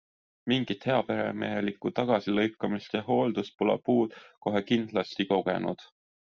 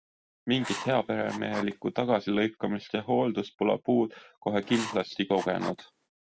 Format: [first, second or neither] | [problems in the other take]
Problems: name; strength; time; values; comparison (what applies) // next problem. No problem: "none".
first | background sound (Writing); 13 dB below the speech